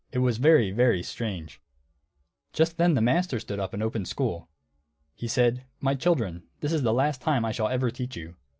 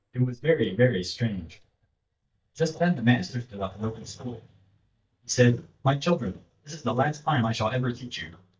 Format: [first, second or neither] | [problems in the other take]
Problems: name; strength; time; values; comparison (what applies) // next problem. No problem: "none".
first | noise reduction (neural mask model DeepFilterNet 3)